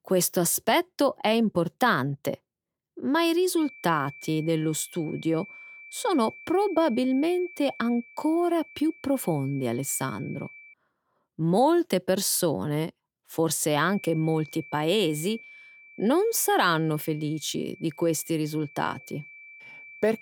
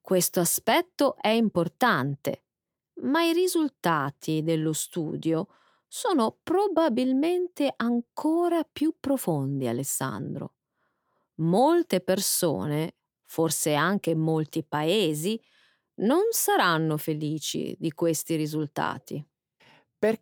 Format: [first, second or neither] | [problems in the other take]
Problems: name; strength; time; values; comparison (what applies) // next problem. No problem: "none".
second | high-pitched whine; noticeable; from 3.5 to 11 s and from 14 s on; 2.5 kHz, 20 dB below the speech